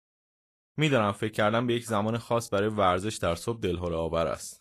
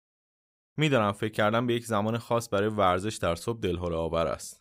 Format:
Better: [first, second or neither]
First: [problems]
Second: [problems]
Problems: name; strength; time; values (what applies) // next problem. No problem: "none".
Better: second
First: garbled, watery; slightly; nothing above 11.5 kHz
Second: none